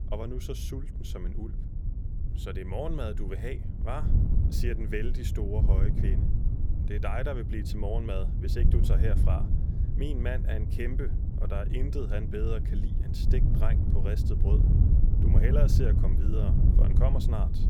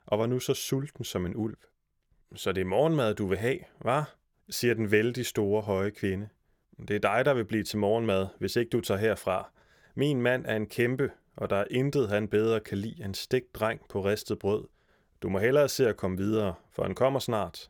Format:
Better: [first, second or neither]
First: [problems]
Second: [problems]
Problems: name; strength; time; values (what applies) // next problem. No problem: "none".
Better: second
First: wind noise on the microphone; heavy; 4 dB below the speech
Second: none